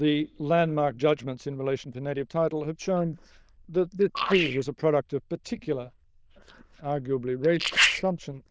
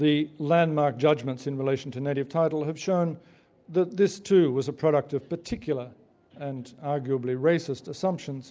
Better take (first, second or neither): second